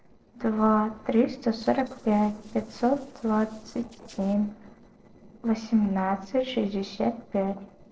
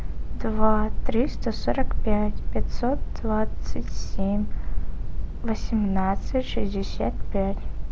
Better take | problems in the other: second | noise reduction (neural separator model SepFormer DNS4)

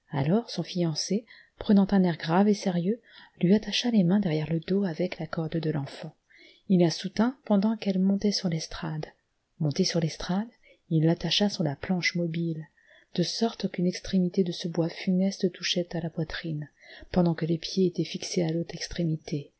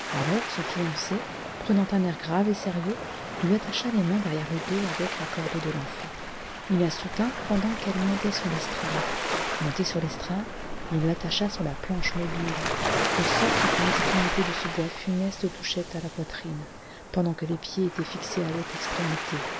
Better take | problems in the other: first | background sound (Waves, surf); 2 dB below the speech

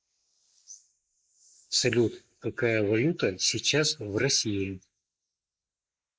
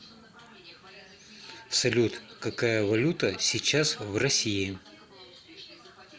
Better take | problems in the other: second | noise reduction (neural mask model Resemble Enhance denoiser)

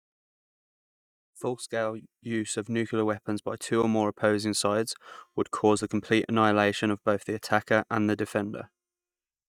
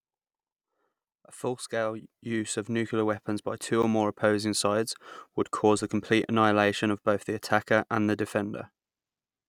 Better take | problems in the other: second | noise reduction (neural mask model DeepFilterNet 3)

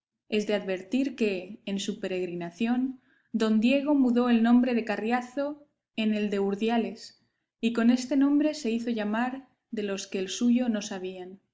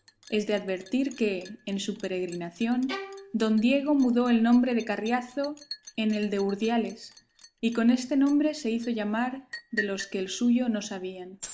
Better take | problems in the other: first | background sound (Bowed string instrument + Liquid); 18 dB below the speech

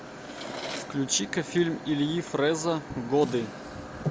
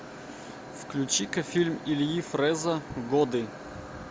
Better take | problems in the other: second | background sound (Drawer open or close); 12 dB below the speech

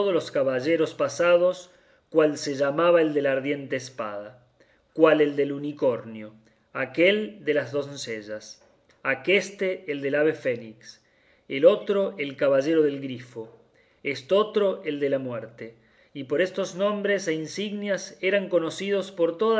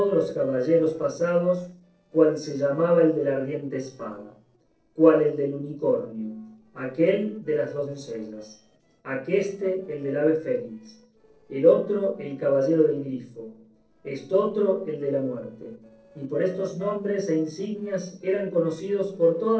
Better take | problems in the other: first | noise reduction (neural separator model SepFormer DNS4)

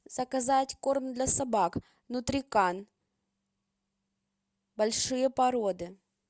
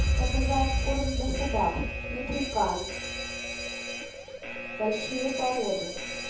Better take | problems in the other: first | background sound (Alarm); 1 dB above the speech // room echo; dies away in 0.6 s

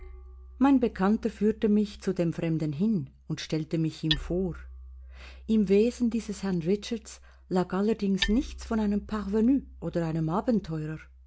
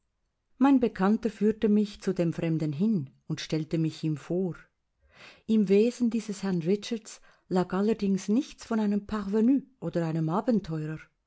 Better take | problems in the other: second | background sound (Hammer); 14 dB below the speech

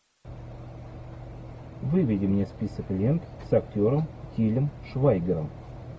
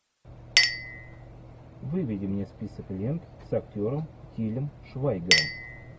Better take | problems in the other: first | background sound (Chink, clink); 1 dB above the speech

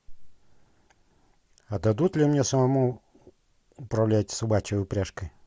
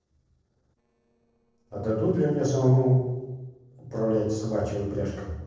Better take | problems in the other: first | noise reduction (neural separator model SepFormer DNS4)

